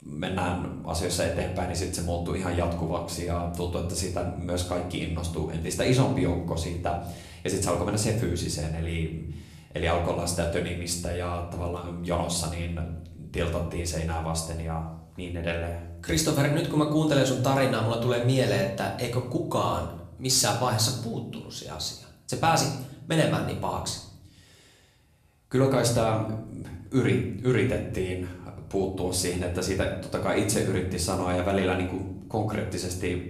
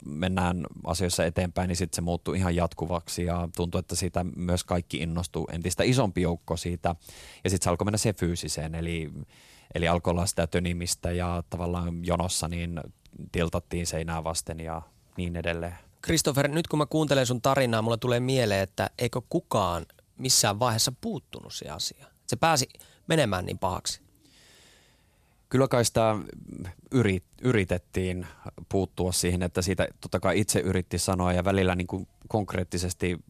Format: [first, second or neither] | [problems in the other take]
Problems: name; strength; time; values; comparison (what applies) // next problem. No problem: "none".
second | room echo; slight; dies away in 0.6 s // off-mic speech; somewhat distant